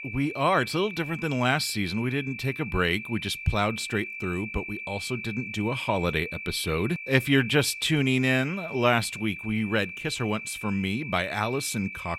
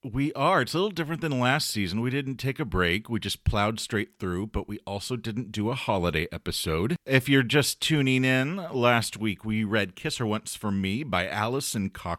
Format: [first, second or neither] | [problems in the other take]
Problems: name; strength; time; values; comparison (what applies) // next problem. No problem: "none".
second | high-pitched whine; loud; throughout; 2.5 kHz, 9 dB below the speech